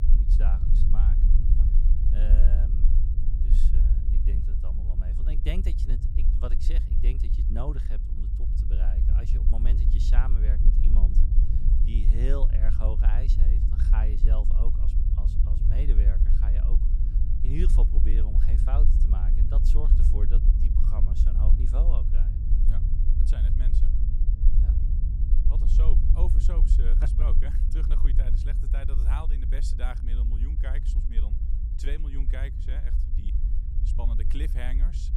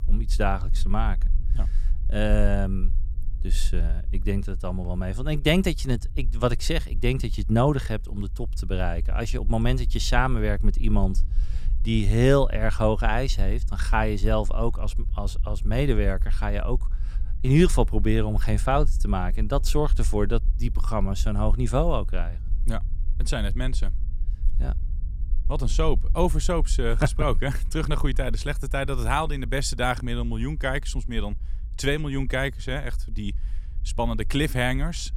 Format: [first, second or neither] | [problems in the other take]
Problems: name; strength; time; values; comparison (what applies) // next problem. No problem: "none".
second | low rumble; loud; throughout; 2 dB below the speech; faint in the second